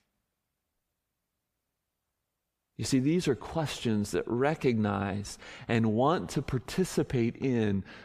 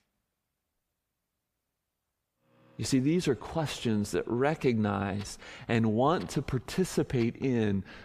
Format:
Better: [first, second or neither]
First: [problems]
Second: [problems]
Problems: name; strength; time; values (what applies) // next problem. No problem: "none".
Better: first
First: none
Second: household noises; faint; from 2.5 s on; 30 dB below the speech